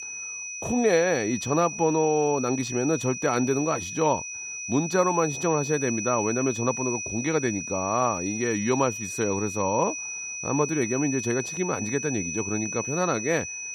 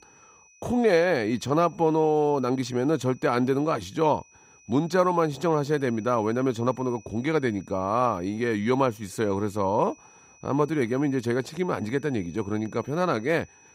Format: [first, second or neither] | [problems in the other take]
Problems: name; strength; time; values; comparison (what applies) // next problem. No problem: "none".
second | high-pitched whine; loud; throughout; 6 kHz, 6 dB below the speech; faint in the second